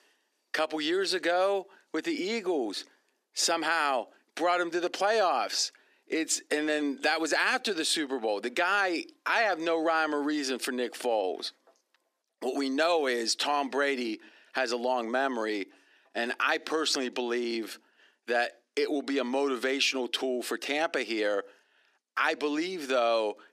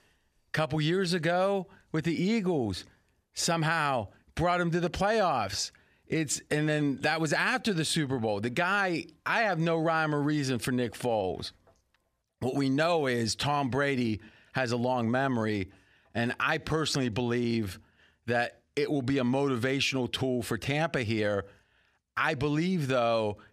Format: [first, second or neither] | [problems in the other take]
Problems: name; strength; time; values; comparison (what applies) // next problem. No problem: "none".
second | thin; somewhat; fading below 300 Hz